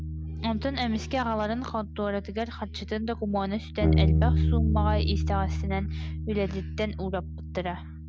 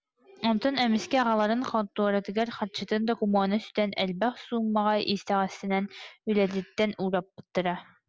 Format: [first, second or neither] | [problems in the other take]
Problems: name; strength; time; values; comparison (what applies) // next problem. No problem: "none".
second | background sound (Bass guitar); 3 dB above the speech